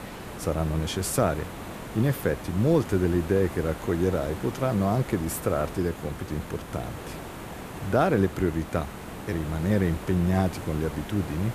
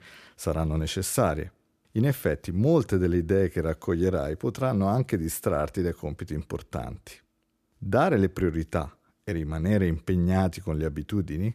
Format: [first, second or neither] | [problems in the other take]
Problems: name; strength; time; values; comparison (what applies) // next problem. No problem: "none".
second | hiss; noticeable; throughout; 10 dB below the speech